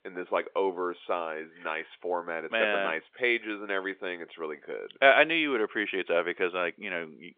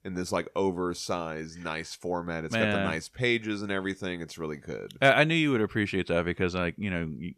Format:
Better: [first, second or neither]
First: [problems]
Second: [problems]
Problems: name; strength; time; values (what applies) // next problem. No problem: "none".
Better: second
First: phone-call audio; nothing above 3.5 kHz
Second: none